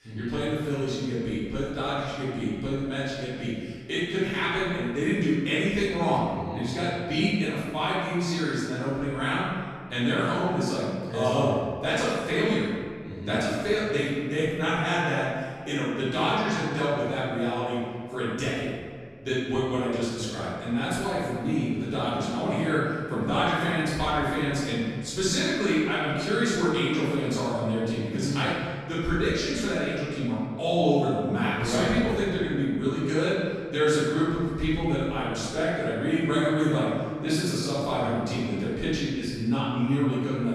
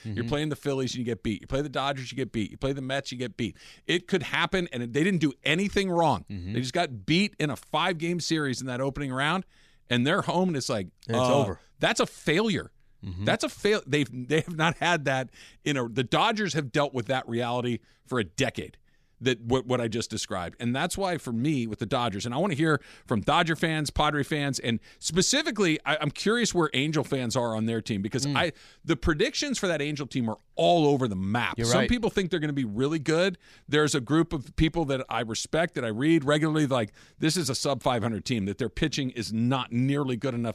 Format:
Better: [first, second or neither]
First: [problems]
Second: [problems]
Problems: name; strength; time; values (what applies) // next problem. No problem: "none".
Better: second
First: room echo; strong; dies away in 1.7 s // off-mic speech; far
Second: none